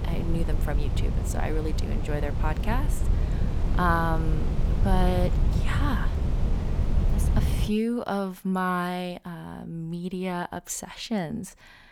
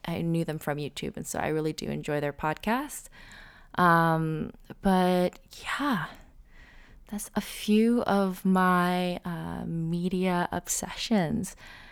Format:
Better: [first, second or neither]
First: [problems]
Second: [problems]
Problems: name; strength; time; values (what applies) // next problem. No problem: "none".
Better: second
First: wind noise on the microphone; heavy; until 7.5 s; 8 dB below the speech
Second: none